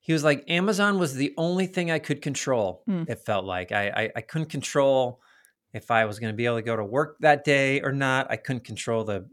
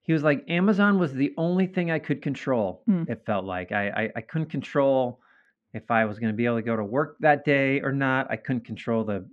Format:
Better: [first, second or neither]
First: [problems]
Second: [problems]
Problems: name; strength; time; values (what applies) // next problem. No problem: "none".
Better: first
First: none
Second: muffled; very; fading above 2 kHz